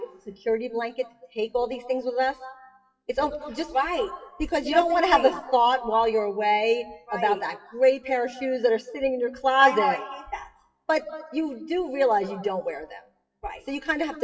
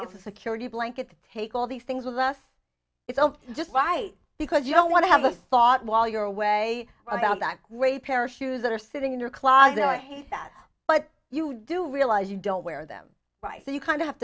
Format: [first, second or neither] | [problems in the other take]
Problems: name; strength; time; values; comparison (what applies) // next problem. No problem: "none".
second | noise reduction (classical method WPE with log-MMSE)